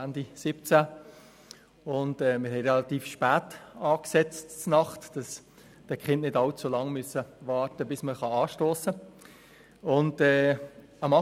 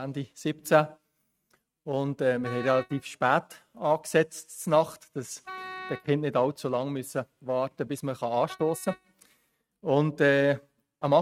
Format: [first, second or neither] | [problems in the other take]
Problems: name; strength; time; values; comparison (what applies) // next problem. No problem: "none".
first | noise reduction (neural mask model RNNoise)